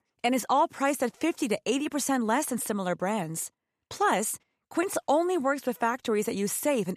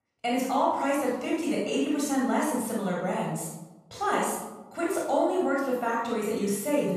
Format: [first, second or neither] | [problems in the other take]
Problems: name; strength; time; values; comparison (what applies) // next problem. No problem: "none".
first | off-mic speech; far // room echo; noticeable; dies away in 0.9 s